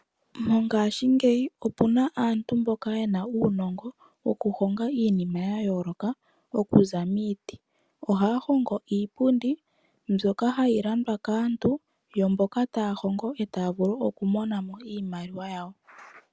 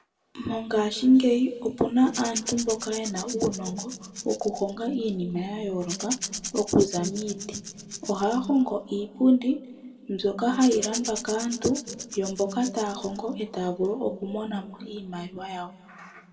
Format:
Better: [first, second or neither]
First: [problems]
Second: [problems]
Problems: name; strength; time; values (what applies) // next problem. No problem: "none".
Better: first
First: none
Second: background sound (Rattle / Rattle (instrument)); 11 dB below the speech // room echo; dies away in 1.9 s